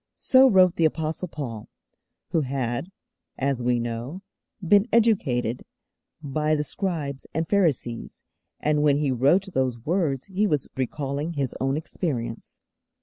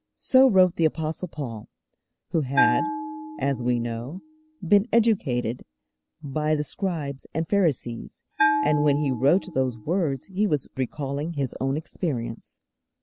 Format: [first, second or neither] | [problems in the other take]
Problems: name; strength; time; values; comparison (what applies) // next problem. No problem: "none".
first | background sound (Bell); 8 dB below the speech